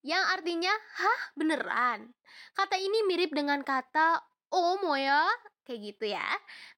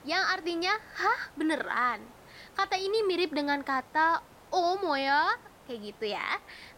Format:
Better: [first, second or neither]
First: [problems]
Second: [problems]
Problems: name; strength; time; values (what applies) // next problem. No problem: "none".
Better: first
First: none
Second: hiss; faint; throughout; 25 dB below the speech